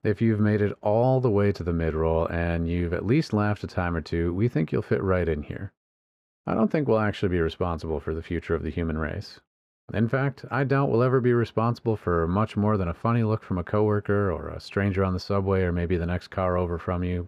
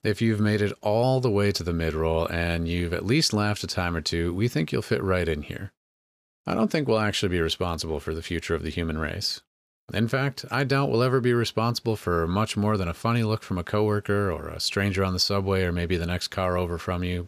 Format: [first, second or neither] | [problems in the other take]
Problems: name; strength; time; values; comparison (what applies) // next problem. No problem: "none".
second | muffled; very; fading above 3 kHz